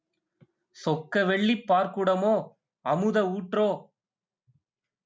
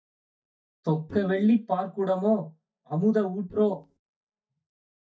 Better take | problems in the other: first | noise reduction (neural mask model DeepFilterNet 3)

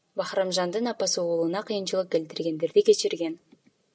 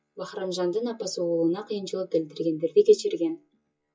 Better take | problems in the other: first | noise reduction (classical method WPE with log-MMSE)

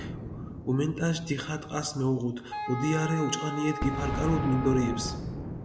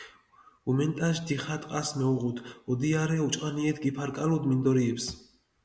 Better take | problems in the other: second | background sound (Boom + Wind instrument, woodwind instrument); 6 dB below the speech

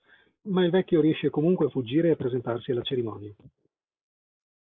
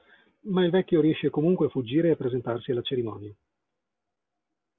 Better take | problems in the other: second | noise reduction (neural mask model Resemble Enhance denoiser)

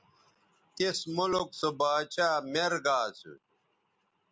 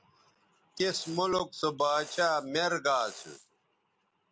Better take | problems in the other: first | background sound (Mechanisms + Rattle); 19 dB below the speech

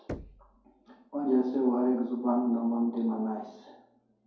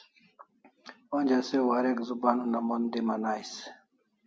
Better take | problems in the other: second | background sound (Knock); 18 dB below the speech // room echo; dies away in 2.3 s

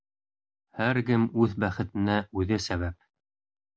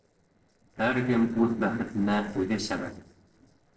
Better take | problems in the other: first | noise reduction (neural separator model SepFormer DNS4)

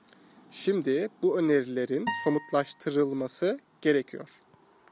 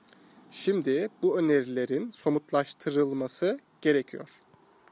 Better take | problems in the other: second | background sound (Acoustic guitar); 10 dB below the speech

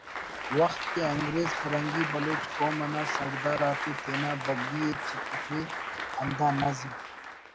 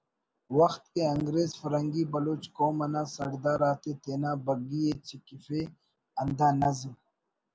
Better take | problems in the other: second | background sound (Applause); 3 dB below the speech

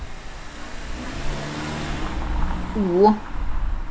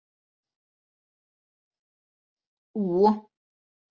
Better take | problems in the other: second | background sound (Engine / Car); 1 dB above the speech

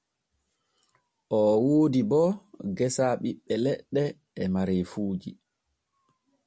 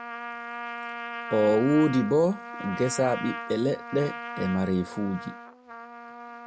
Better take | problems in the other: first | background sound (Trumpet); 10 dB below the speech

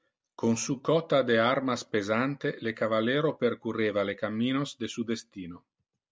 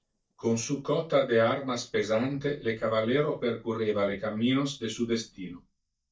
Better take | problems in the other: first | noise reduction (neural mask model DeepFilterNet 3)

